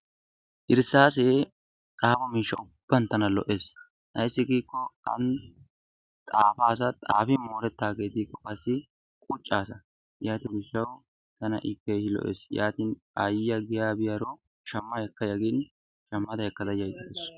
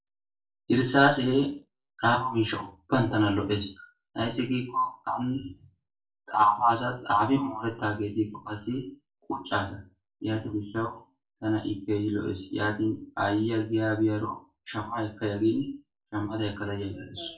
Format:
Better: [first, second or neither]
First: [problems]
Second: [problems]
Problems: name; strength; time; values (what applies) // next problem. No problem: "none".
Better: first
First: none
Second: room echo; dies away in 0.3 s